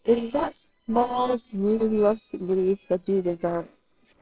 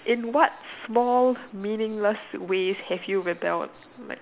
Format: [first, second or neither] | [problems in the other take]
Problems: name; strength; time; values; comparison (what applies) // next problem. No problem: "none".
second | noise reduction (neural separator model SepFormer WHAMR!)